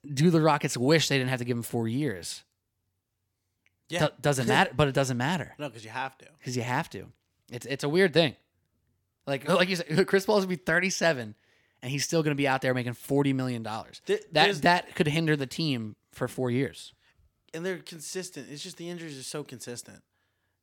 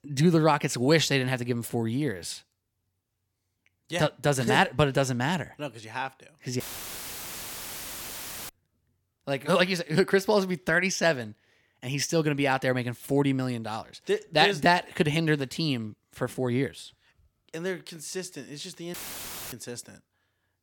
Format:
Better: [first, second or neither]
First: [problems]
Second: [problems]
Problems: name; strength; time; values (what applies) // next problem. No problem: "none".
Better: first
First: none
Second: audio cutting out; filled with static; at 6.5 s for 2 s and at 19 s for 0.5 s